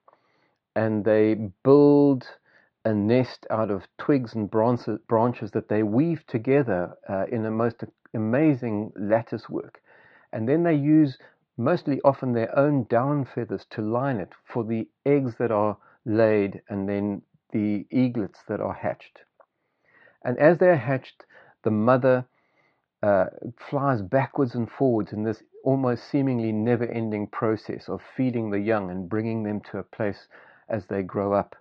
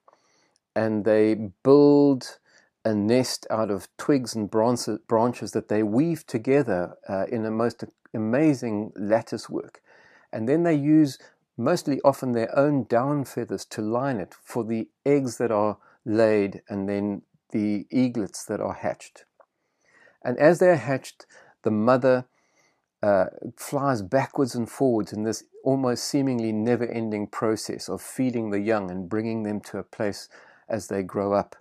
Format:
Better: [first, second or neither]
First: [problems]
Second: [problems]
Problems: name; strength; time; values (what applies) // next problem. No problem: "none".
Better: second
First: muffled; slightly; fading above 4 kHz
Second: none